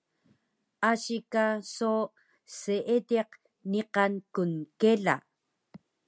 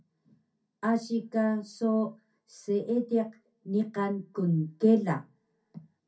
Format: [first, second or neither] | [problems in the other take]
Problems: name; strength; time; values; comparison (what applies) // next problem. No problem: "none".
first | room echo; dies away in 0.3 s